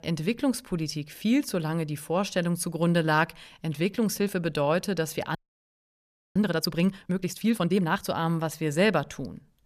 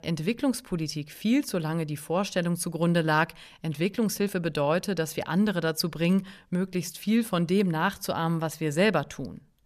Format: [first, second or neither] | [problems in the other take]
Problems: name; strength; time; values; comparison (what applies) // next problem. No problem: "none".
second | audio freezing; at 5.5 s for 1 s